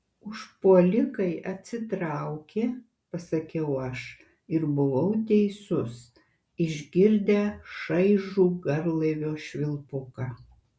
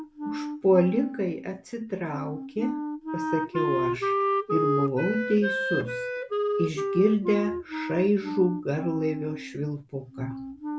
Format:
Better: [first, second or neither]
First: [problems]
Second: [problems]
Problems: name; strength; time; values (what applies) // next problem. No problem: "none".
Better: first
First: none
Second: background sound (Wind instrument, woodwind instrument); 3 dB below the speech